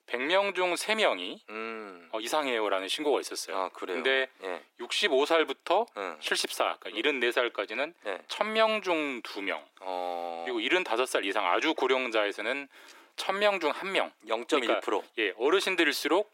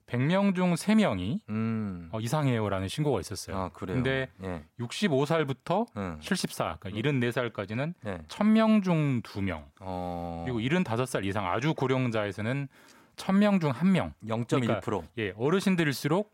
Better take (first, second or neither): second